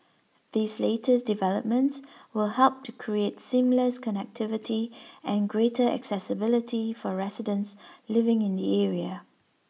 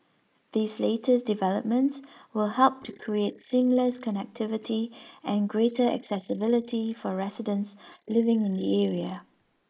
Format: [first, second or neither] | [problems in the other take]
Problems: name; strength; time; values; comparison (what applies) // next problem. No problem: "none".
first | noise reduction (neural mask model Resemble Enhance denoiser)